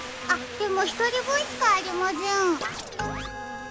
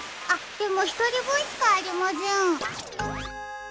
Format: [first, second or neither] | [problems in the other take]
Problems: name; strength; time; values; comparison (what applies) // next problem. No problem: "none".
second | background sound (Insect); 16 dB below the speech